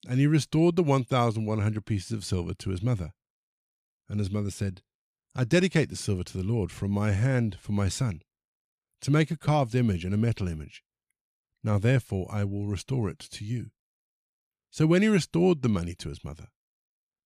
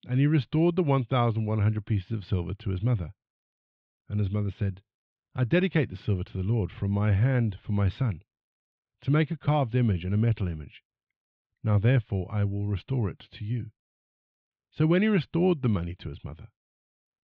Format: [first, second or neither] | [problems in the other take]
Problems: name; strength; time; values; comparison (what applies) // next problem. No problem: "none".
first | muffled; very; fading above 3.5 kHz